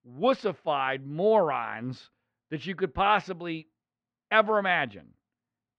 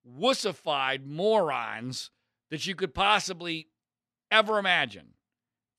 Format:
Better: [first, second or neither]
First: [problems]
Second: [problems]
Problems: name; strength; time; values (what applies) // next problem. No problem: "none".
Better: second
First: muffled; very; fading above 2 kHz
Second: none